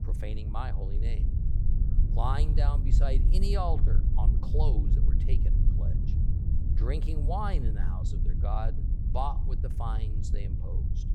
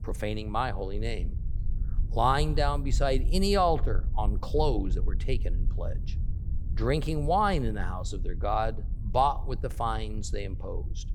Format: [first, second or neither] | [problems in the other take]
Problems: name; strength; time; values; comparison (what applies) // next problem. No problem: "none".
second | low rumble; loud; throughout; 8 dB below the speech; faint in the second